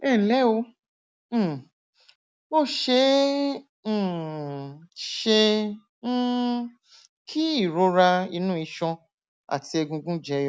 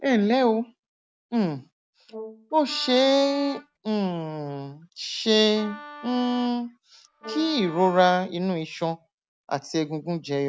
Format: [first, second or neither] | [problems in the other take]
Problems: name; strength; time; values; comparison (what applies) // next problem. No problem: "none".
first | background sound (Wind instrument, woodwind instrument + Brass instrument); 16 dB below the speech